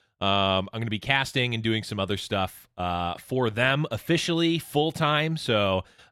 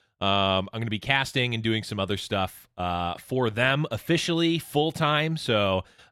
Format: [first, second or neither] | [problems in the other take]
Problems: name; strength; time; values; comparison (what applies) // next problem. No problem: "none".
neither | none